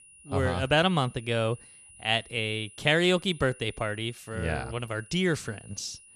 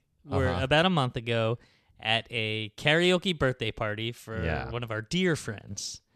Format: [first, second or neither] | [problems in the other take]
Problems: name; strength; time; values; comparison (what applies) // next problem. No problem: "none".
second | high-pitched whine; faint; throughout; 10 kHz, 20 dB below the speech